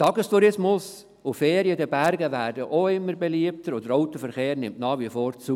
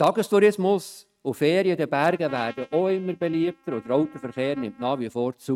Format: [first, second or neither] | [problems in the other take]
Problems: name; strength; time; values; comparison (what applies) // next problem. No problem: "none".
first | noise reduction (neural mask model RNNoise)